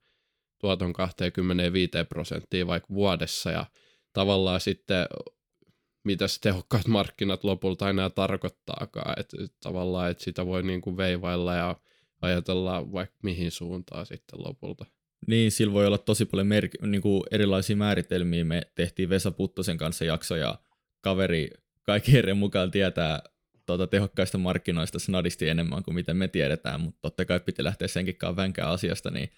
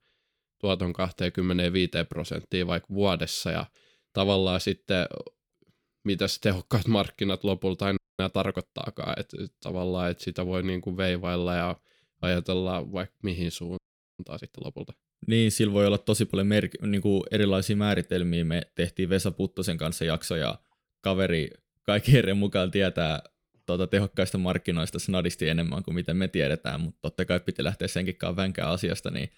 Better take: first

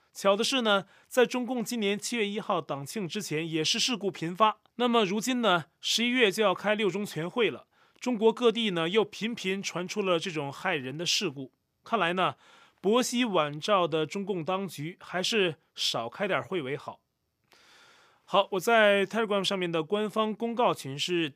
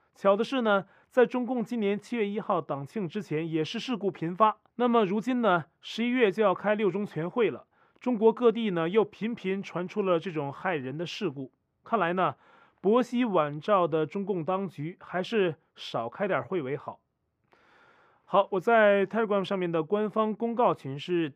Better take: first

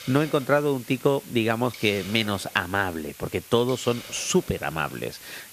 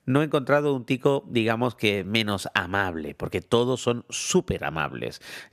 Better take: second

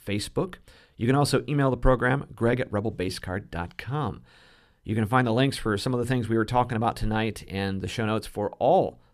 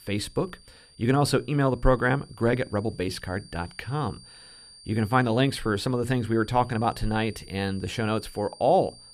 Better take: first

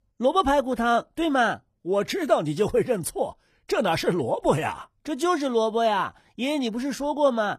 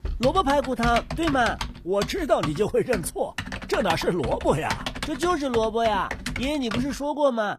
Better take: first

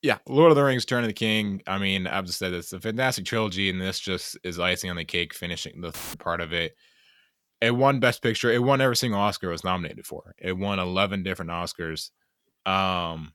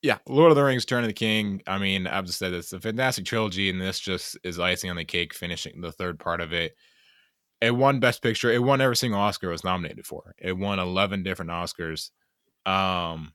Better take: second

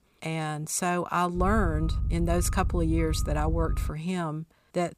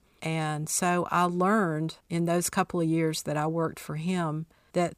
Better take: second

